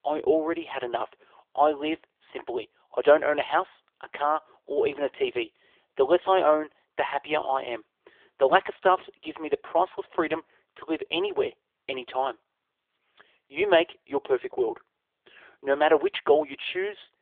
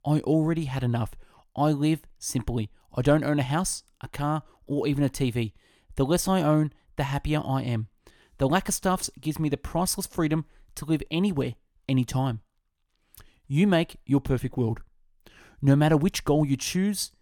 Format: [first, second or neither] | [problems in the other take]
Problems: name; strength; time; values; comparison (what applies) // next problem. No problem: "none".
second | phone-call audio; poor line; nothing above 3.5 kHz